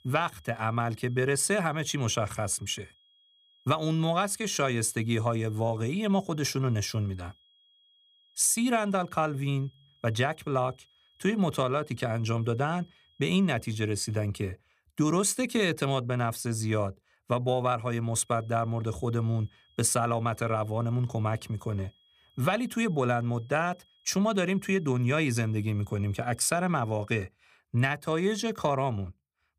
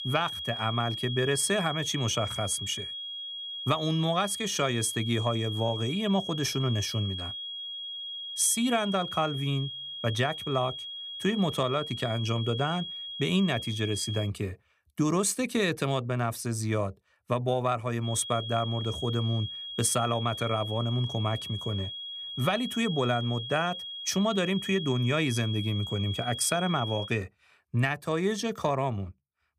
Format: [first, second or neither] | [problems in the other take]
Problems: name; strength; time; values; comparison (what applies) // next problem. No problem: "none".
first | high-pitched whine; loud; until 14 s and from 18 to 27 s; 3.5 kHz, 6 dB below the speech; faint in the first